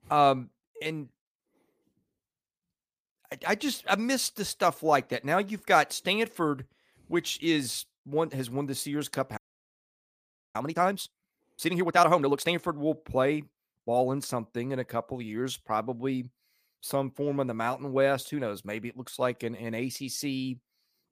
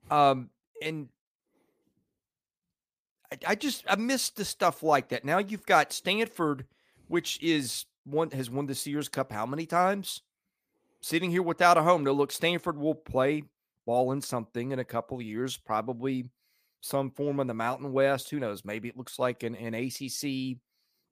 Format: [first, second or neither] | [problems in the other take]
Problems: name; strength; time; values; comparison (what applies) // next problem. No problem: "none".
second | audio freezing; at 9.5 s for 1 s